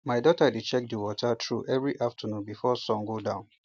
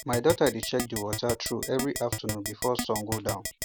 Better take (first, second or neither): first